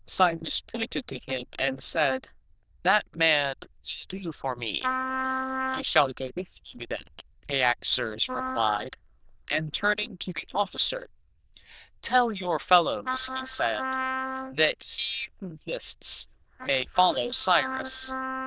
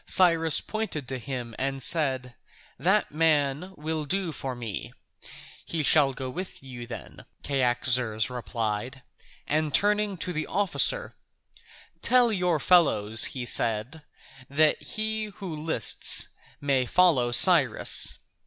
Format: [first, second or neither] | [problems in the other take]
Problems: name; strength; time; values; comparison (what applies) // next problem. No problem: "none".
second | noise reduction (neural diffusion model UNIVERSE++)